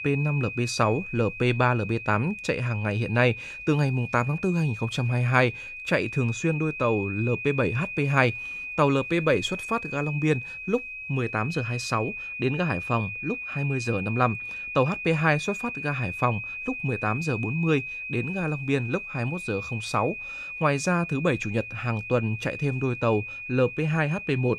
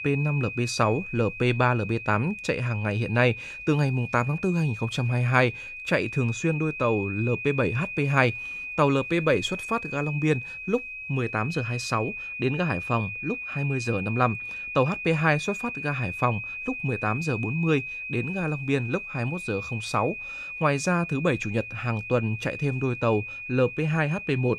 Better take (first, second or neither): neither